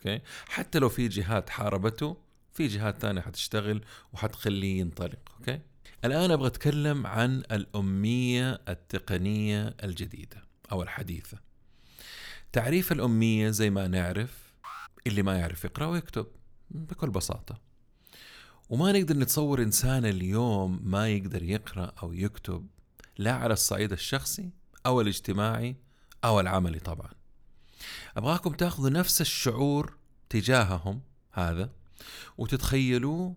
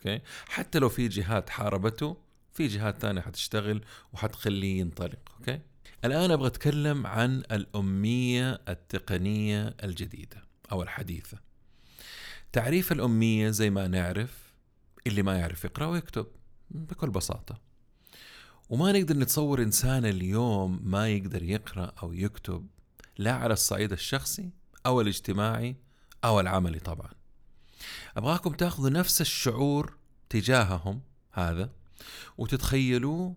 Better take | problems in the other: second | alarm; faint; at 15 s; peak 15 dB below the speech

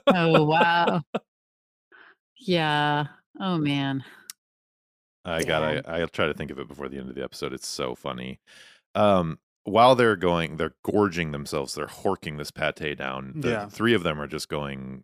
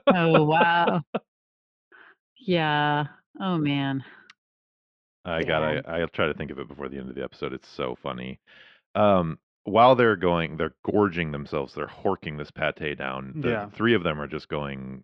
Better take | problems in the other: first | muffled; slightly; fading above 3.5 kHz

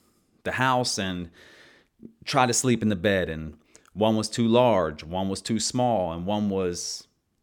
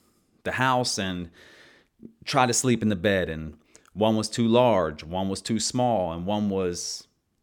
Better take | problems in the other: neither | none

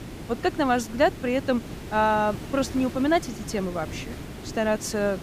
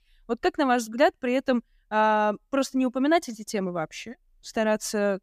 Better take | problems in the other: second | hiss; noticeable; throughout; 10 dB below the speech

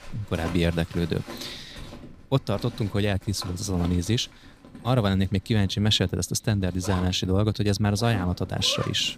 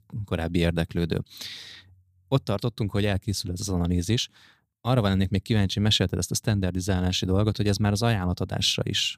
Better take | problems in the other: second | household noises; noticeable; throughout; 15 dB below the speech

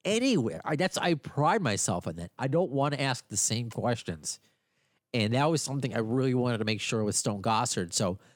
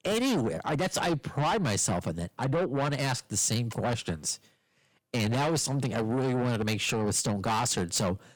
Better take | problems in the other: first | distortion; heavy; 7 dB below the speech

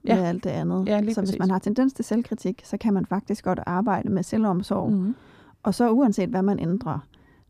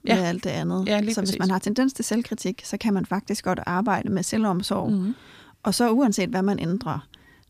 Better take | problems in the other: second | muffled; slightly; fading above 1.5 kHz

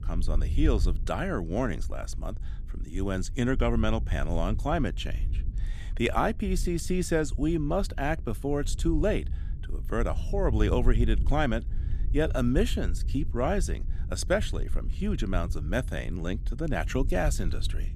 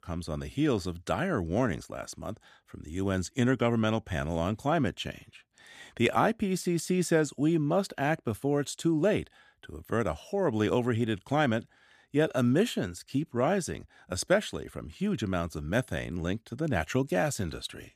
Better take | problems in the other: second | low rumble; noticeable; throughout; 20 dB below the speech

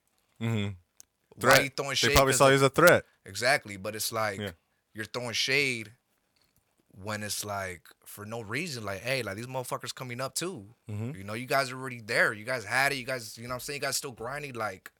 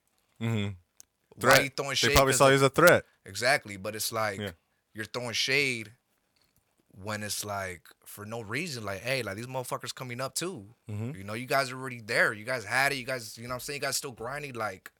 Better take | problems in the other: neither | none

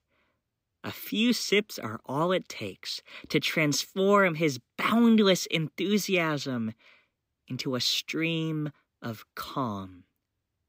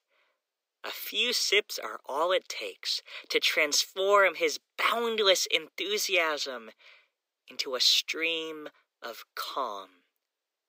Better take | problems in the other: first | thin; very; fading below 450 Hz

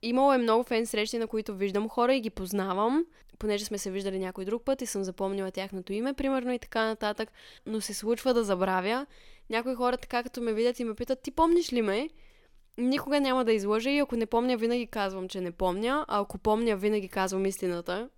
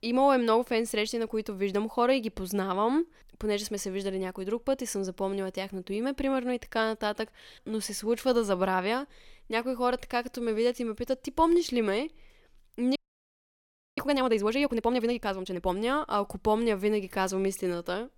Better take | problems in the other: first | audio freezing; at 13 s for 1 s

